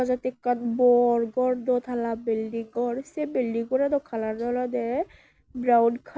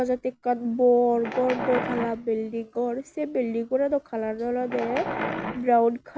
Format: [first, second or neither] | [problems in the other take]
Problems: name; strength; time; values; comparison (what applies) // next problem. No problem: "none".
first | background sound (Wild animals); 7 dB below the speech